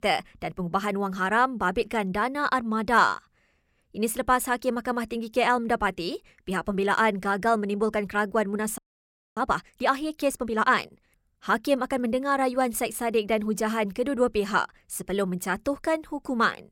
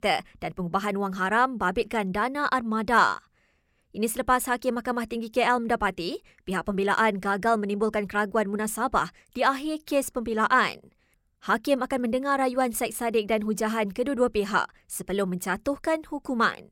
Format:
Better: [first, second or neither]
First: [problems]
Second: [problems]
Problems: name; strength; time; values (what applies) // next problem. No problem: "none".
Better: second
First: audio freezing; at 9 s for 0.5 s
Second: none